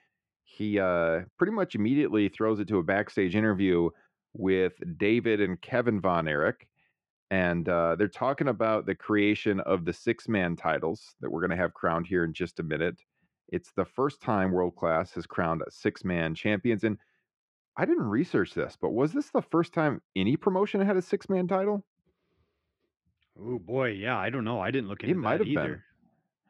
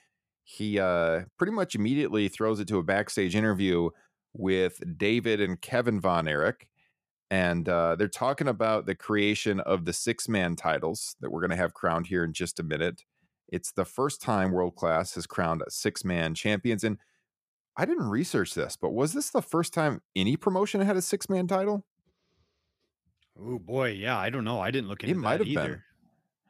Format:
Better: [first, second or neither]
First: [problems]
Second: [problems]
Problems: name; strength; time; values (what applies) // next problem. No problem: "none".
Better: second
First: muffled; slightly; fading above 2.5 kHz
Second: none